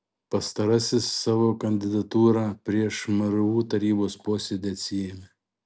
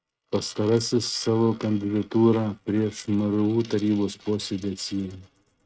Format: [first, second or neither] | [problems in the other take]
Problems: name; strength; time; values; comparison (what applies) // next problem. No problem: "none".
first | noise reduction (neural mask model RNNoise)